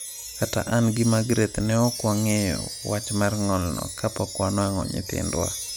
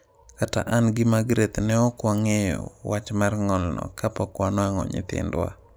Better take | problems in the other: second | background sound (Wind chime); 11 dB below the speech

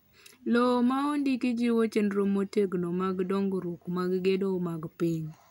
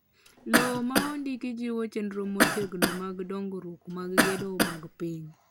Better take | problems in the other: first | background sound (Cough); 4 dB above the speech

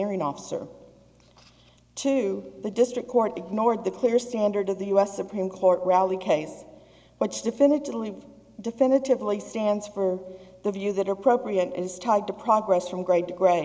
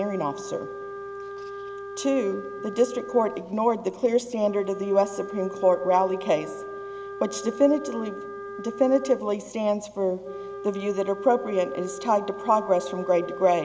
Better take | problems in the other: first | background sound (Wind instrument, woodwind instrument); 11 dB below the speech

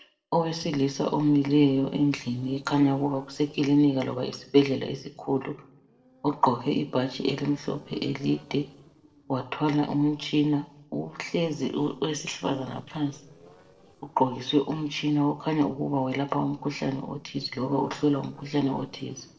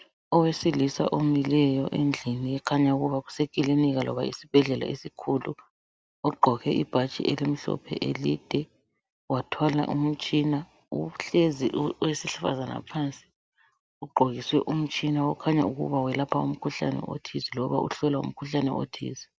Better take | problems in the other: second | noise reduction (neural separator model SepFormer DNS4)

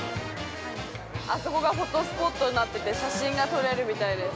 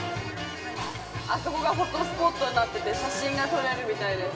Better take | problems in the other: first | background sound (Drill); 14 dB below the speech // room echo; dies away in 2.3 s

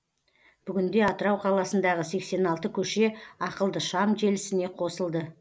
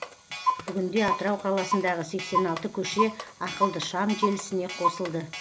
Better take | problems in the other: first | background sound (Clock); 3 dB below the speech

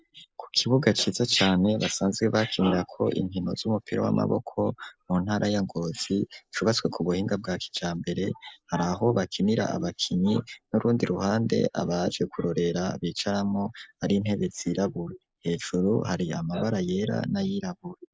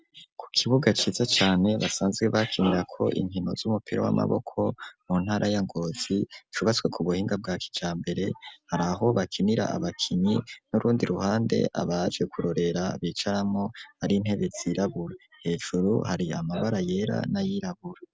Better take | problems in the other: second | noise reduction (neural mask model Resemble Enhance denoiser)

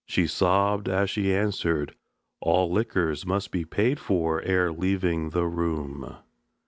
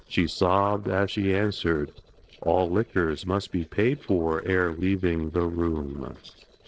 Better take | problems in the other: first | noise reduction (neural separator model SepFormer DNS4)

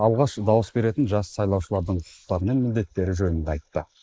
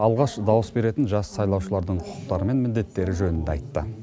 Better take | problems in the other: second | noise reduction (neural mask model Resemble Enhance denoiser)

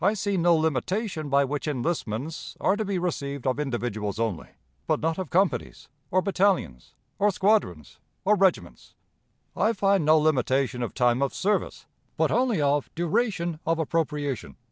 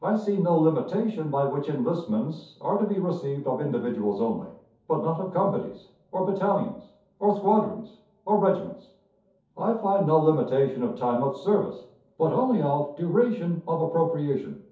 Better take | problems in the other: first | room echo; dies away in 0.5 s

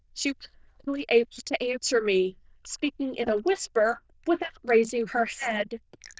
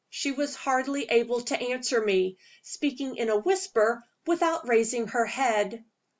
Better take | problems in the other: second | noise reduction (neural diffusion model UNIVERSE++)

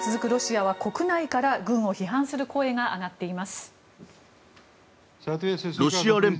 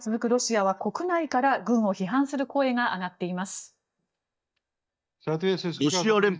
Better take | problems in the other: first | noise reduction (neural mask model DeepFilterNet 3)

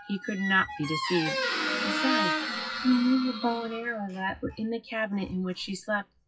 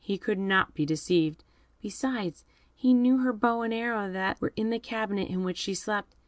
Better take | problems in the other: second | noise reduction (classical method WPE with log-MMSE)

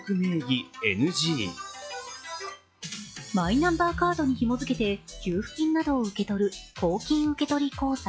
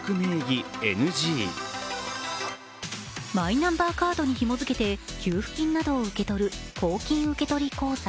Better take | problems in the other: second | noise reduction (classical method log-MMSE)

